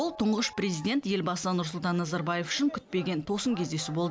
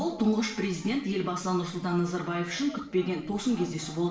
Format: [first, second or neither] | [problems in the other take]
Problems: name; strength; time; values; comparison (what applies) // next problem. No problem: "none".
first | room echo; dies away in 0.5 s